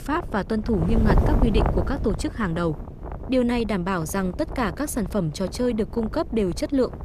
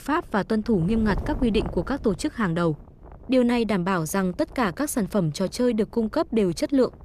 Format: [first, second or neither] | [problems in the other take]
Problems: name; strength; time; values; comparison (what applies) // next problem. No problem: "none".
second | wind noise on the microphone; heavy; 7 dB below the speech; occasional gusts in the second